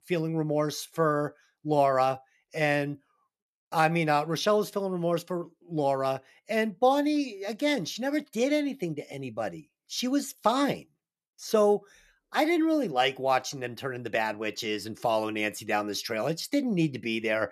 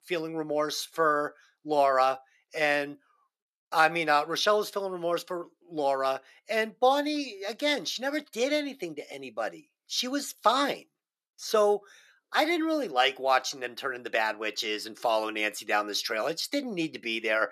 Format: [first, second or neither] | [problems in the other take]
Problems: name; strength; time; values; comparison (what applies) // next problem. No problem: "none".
first | thin; very slightly; fading below 350 Hz